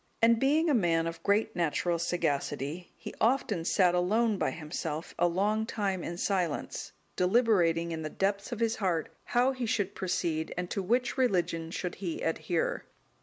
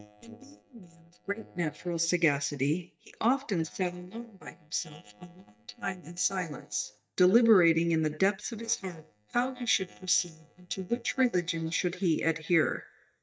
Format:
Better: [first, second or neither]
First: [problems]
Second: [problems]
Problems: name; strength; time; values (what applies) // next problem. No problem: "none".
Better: first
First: none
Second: noise reduction (neural mask model DeepFilterNet 3)